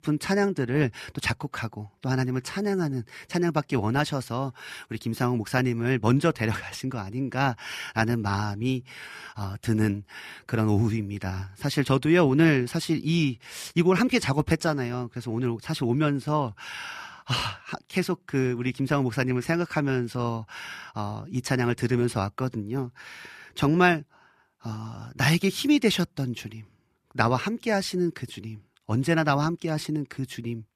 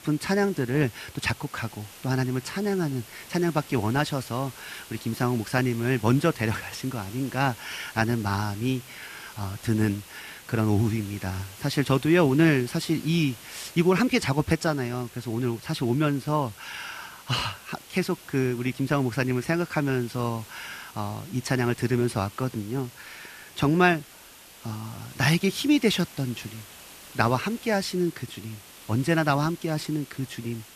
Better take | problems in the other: first | hiss; noticeable; throughout; 20 dB below the speech

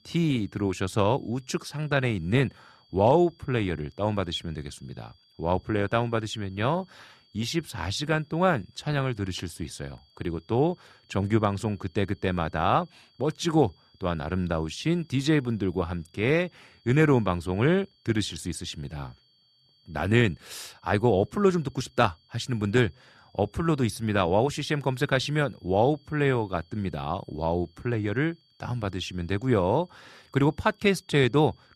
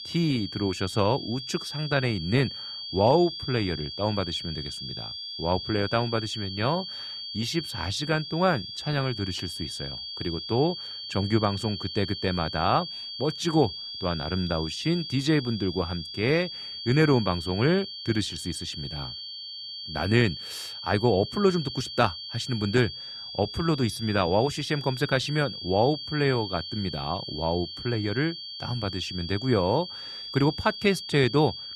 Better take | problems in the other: first | high-pitched whine; loud; throughout; 4.5 kHz, 8 dB below the speech; faint in the first

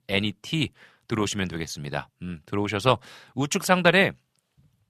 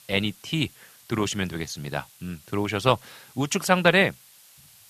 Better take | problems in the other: first | hiss; faint; throughout; 25 dB below the speech

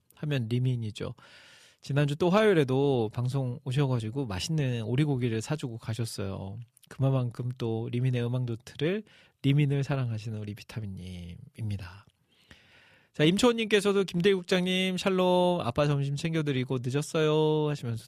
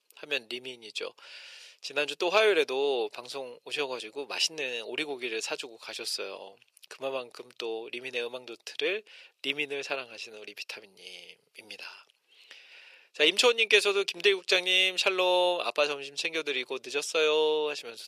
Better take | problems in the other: first | thin; very; fading below 450 Hz

